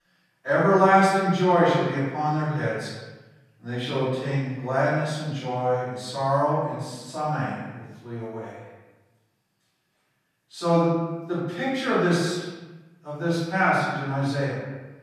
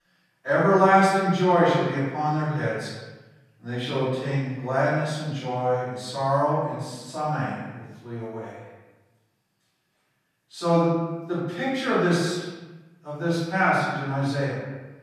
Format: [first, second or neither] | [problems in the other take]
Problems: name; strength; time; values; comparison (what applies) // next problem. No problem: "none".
neither | room echo; strong; dies away in 1.1 s; the same in both // off-mic speech; far; the same in both